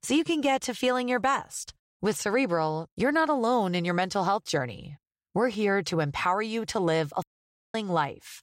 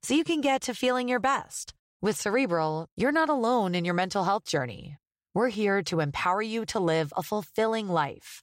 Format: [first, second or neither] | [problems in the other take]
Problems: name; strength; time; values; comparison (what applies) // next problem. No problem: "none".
second | audio cutting out; at 7 s for 0.5 s